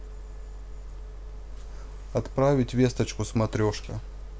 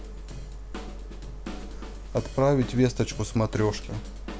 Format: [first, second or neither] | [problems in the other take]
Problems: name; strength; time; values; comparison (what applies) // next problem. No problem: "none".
first | background sound (Drum / Drum kit); 15 dB below the speech